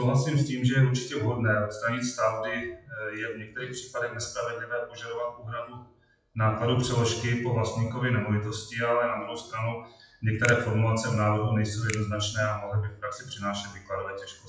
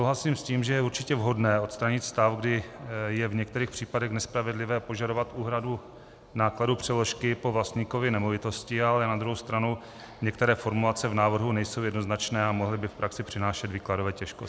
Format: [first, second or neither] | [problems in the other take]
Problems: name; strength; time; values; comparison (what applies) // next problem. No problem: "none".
second | noise reduction (classical method WPE with log-MMSE)